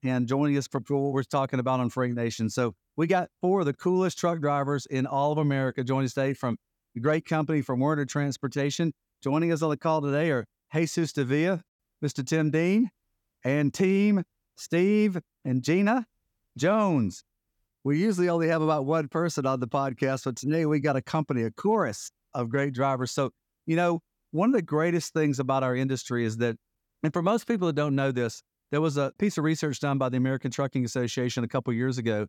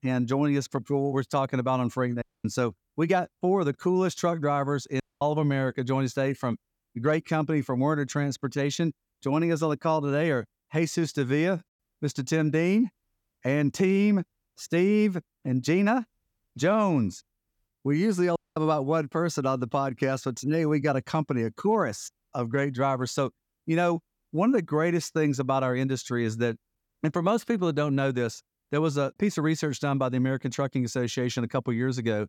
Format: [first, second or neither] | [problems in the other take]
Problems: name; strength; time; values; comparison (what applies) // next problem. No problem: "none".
first | audio cutting out; at 2 s, at 5 s and at 18 s